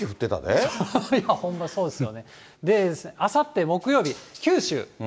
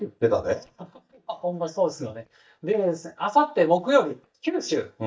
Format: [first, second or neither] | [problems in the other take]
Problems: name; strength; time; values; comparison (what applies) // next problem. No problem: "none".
first | noise reduction (neural mask model DeepFilterNet 3)